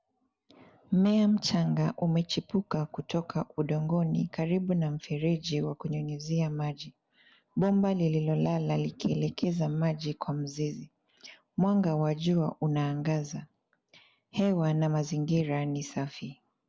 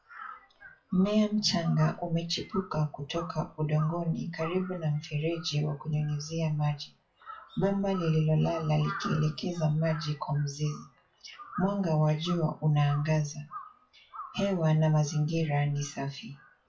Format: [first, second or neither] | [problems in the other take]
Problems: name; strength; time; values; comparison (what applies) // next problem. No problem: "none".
first | noise reduction (classical method WPE with log-MMSE)